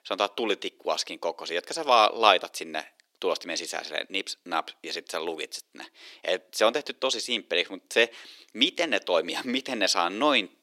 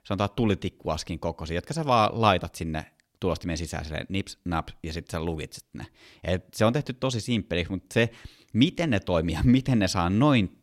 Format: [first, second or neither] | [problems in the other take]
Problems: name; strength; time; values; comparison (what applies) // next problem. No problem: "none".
second | thin; somewhat; fading below 350 Hz